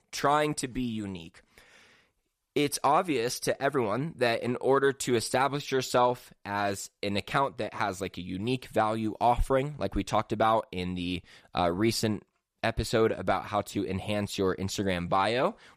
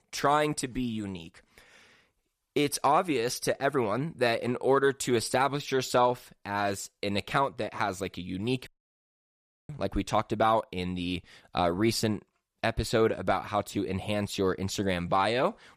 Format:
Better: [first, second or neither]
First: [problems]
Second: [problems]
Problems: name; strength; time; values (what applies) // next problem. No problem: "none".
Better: first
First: none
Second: audio cutting out; at 8.5 s for 1 s